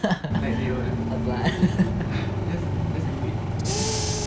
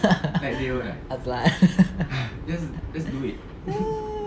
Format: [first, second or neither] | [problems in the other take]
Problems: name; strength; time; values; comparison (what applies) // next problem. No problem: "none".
second | background sound (Bus / Engine); 2 dB above the speech